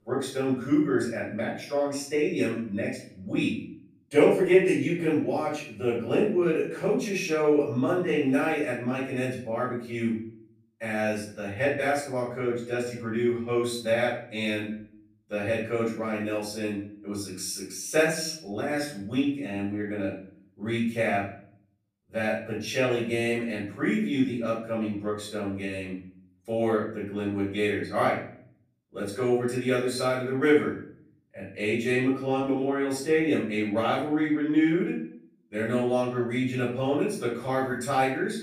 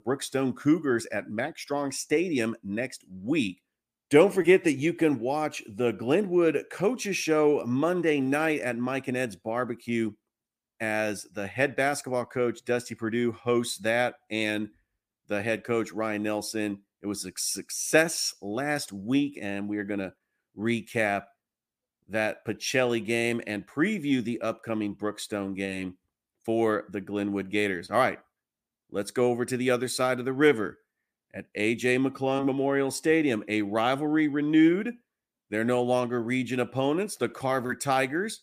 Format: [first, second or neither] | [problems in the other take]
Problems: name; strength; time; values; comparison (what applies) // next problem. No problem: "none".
second | off-mic speech; far // room echo; noticeable; dies away in 0.5 s